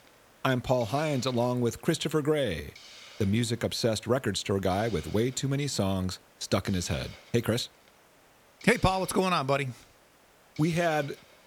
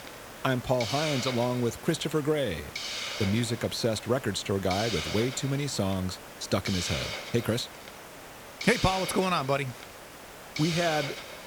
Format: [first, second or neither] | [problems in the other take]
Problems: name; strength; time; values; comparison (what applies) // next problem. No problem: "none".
first | hiss; loud; throughout; 7 dB below the speech; faint in the first